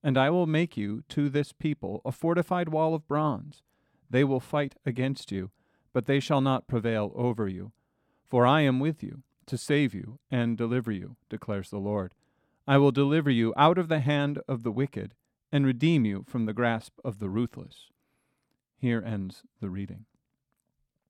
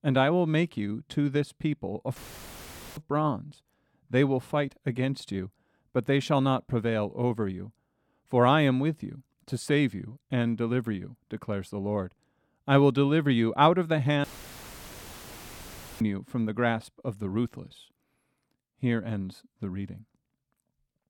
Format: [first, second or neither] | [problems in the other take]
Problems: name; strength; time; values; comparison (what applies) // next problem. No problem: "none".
first | audio cutting out; filled with static; at 2 s for 1 s and at 14 s for 2 s